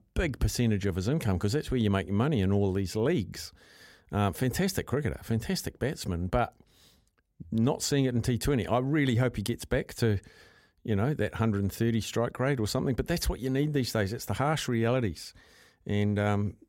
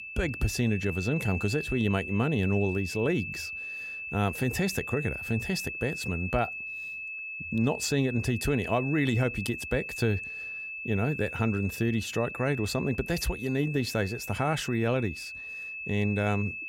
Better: first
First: none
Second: high-pitched whine; loud; throughout; 2.5 kHz, 7 dB below the speech

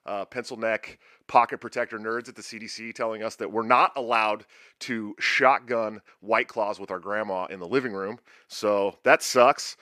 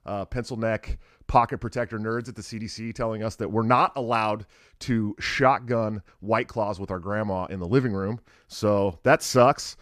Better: second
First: thin; somewhat; fading below 350 Hz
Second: none

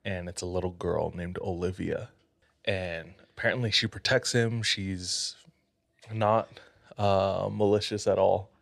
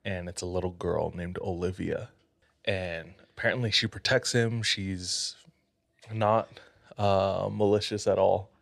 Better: neither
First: none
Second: none

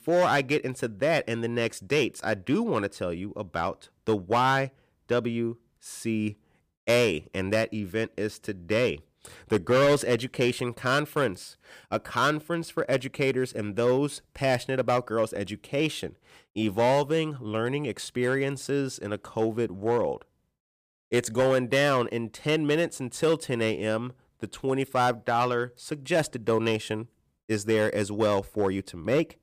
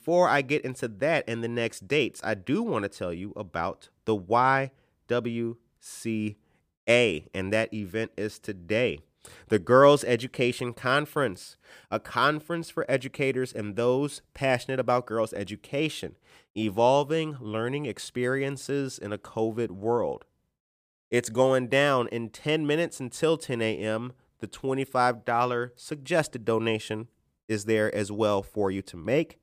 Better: second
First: distortion; slight; 3% of the sound clipped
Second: none

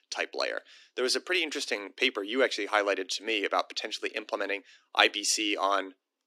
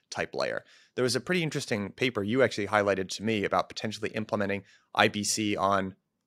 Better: second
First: thin; somewhat; fading below 250 Hz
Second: none

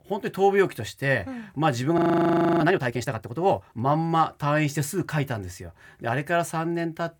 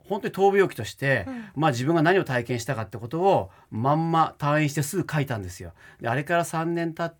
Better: second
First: audio freezing; at 2 s for 0.5 s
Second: none

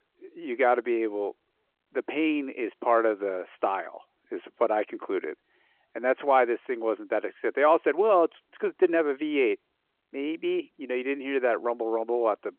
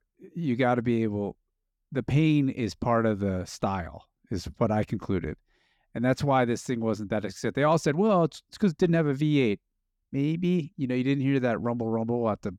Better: second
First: phone-call audio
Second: none

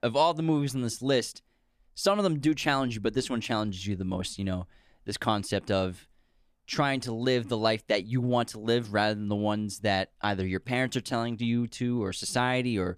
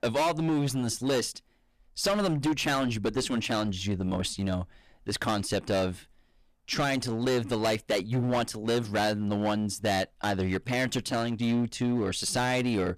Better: first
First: none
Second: distortion; heavy; 14% of the sound clipped

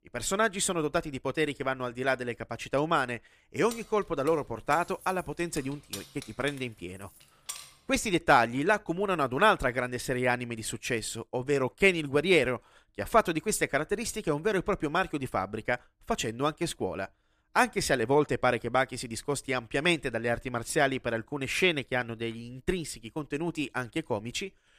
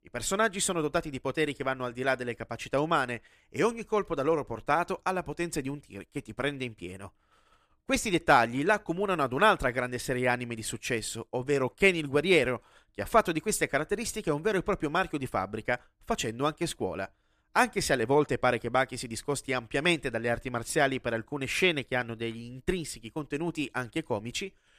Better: second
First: jangling keys; faint; from 3.5 to 7.5 s; peak 10 dB below the speech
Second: none

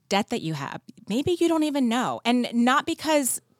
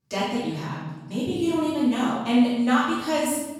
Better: first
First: none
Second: off-mic speech; far // room echo; strong; dies away in 1.2 s

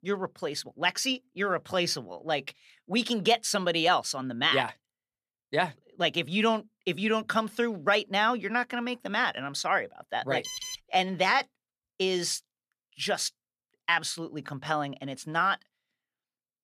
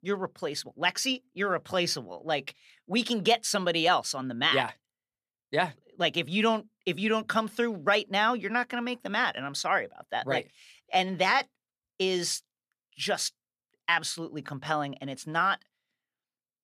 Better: second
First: alarm; noticeable; at 10 s; peak 7 dB below the speech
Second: none

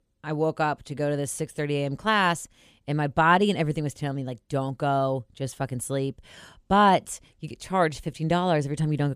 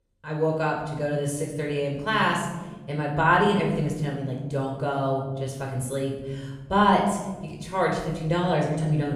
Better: first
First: none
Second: off-mic speech; somewhat distant // room echo; noticeable; dies away in 1.2 s

